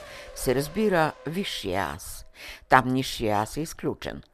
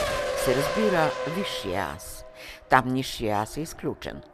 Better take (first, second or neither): first